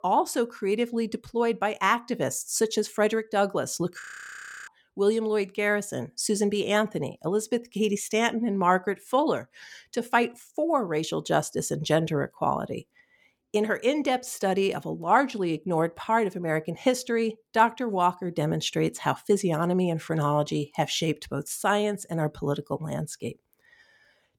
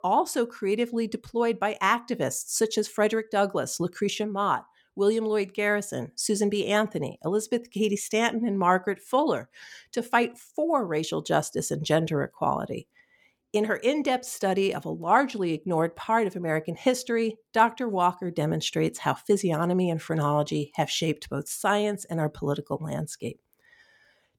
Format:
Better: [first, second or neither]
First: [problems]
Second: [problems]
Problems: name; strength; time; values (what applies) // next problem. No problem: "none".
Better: second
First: audio freezing; at 4 s for 0.5 s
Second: none